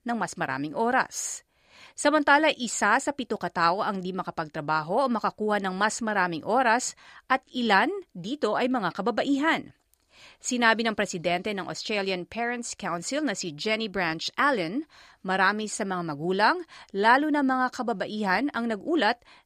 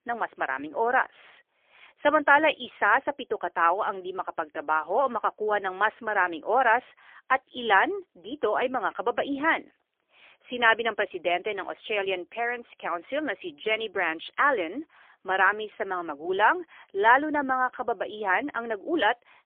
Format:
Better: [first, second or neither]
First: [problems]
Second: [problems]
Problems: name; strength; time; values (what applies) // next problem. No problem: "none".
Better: first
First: none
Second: phone-call audio; poor line; nothing above 3.5 kHz